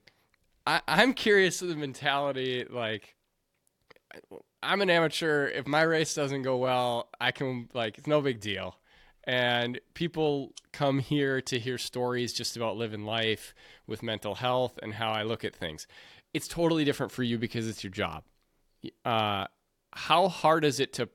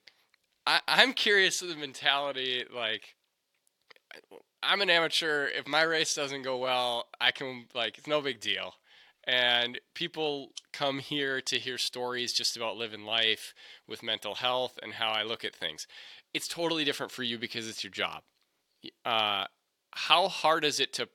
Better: first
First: none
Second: thin; somewhat; fading below 550 Hz

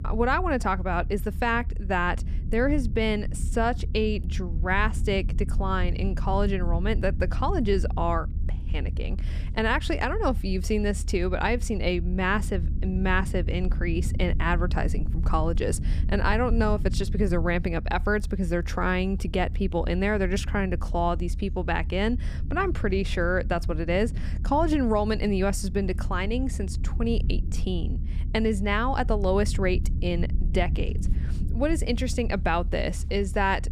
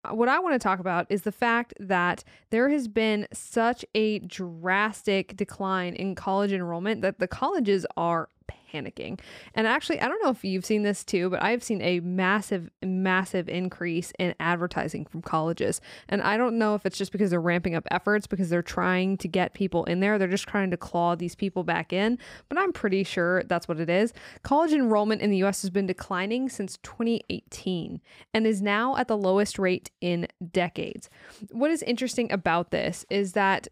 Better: second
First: low rumble; noticeable; throughout; 20 dB below the speech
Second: none

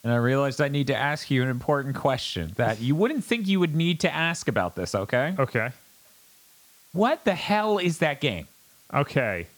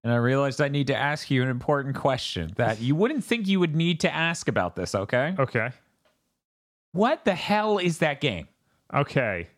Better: second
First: hiss; faint; throughout; 30 dB below the speech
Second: none

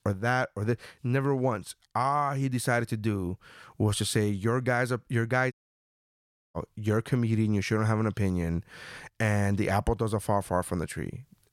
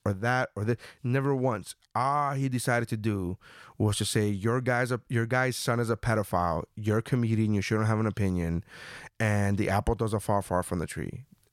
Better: second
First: audio cutting out; at 5.5 s for 1 s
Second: none

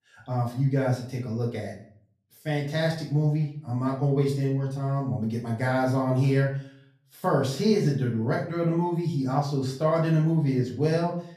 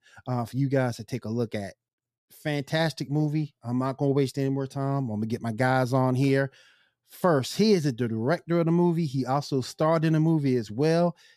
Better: second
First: off-mic speech; far // room echo; slight; dies away in 0.4 s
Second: none

